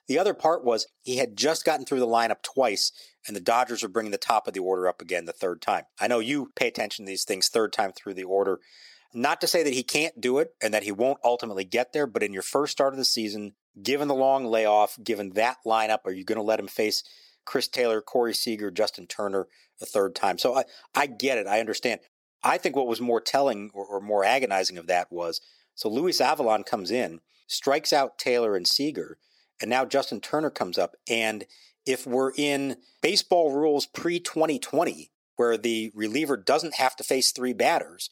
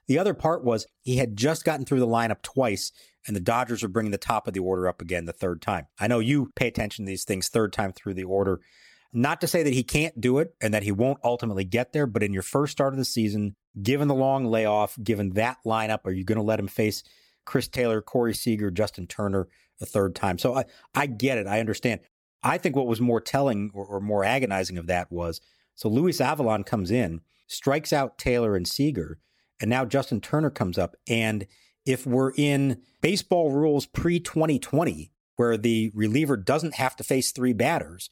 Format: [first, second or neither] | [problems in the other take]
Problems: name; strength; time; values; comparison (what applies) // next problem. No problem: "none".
second | thin; somewhat; fading below 400 Hz